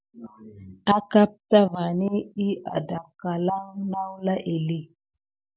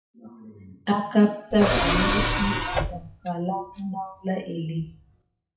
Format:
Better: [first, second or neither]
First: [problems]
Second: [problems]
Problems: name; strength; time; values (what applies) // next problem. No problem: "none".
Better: first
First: none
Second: noise reduction (classical method WPE with log-MMSE)